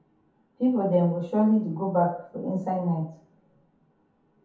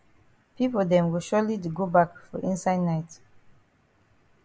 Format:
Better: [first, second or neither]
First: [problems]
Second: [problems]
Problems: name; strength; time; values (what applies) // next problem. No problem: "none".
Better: second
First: room echo; dies away in 0.5 s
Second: none